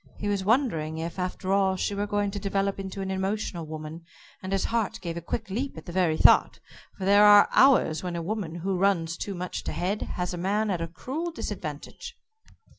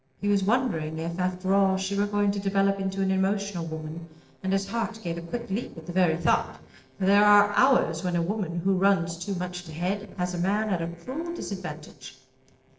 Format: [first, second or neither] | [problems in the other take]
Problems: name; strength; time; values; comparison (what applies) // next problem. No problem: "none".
first | noise reduction (neural separator model SepFormer DNS4)